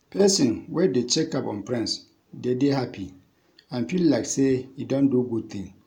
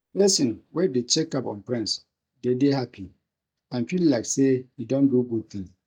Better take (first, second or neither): first